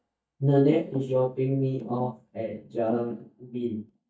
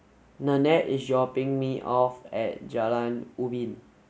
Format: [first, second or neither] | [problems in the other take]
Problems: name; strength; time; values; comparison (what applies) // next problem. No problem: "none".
second | noise reduction (neural mask model DeepFilterNet 3)